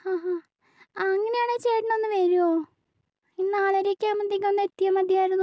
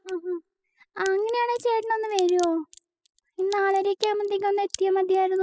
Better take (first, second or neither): first